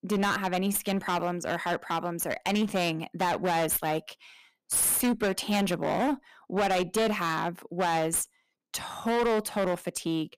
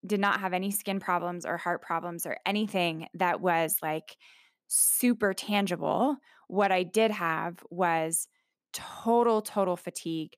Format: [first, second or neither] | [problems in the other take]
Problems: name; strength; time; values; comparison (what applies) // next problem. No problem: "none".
second | distortion; heavy; 17% of the sound clipped